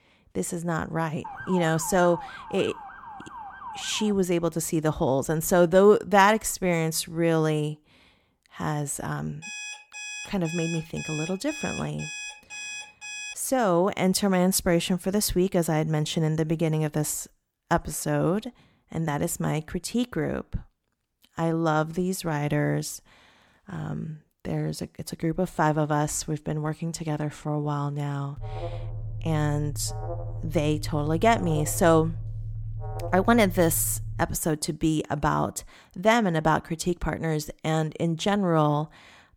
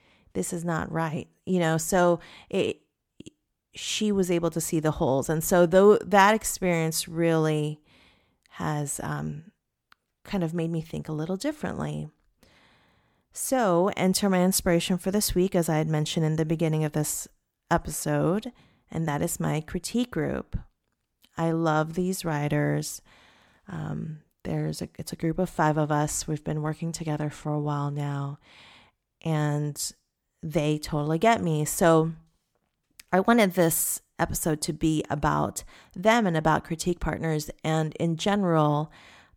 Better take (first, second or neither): second